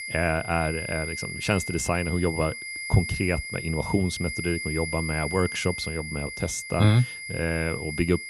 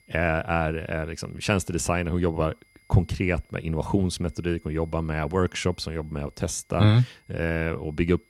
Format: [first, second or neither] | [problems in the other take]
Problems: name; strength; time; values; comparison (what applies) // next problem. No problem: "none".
second | high-pitched whine; loud; throughout; 2 kHz, 6 dB below the speech; faint in the second